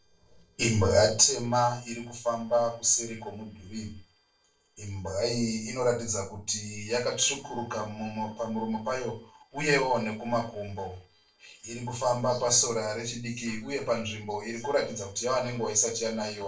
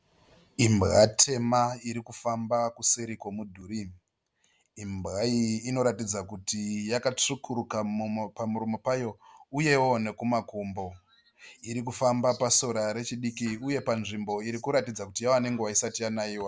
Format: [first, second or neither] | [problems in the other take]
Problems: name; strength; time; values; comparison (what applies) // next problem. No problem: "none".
second | noise reduction (neural separator model SepFormer DNS4)